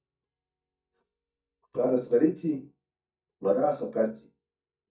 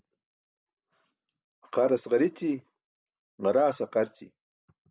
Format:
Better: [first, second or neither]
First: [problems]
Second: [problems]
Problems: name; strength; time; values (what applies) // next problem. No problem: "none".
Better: second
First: noise reduction (neural mask model DeepFilterNet 3)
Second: none